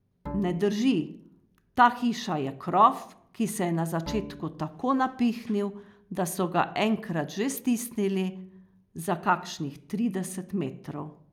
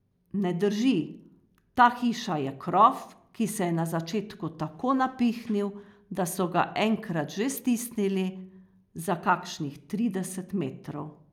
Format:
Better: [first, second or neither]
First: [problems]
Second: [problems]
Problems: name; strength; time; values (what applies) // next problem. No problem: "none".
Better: second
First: background sound (Bowed string instrument); 15 dB below the speech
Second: none